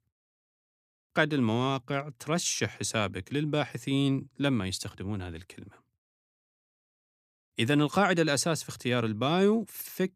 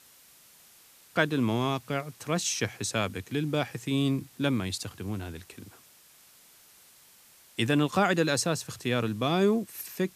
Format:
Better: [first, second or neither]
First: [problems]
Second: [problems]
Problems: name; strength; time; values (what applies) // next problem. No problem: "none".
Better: first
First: none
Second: hiss; faint; throughout; 25 dB below the speech